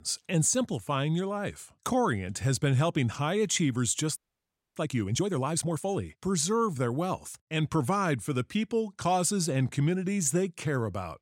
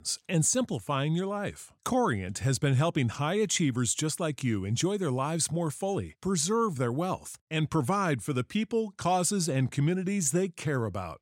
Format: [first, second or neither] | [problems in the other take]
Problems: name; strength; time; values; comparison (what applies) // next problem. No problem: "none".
second | audio freezing; at 4 s for 0.5 s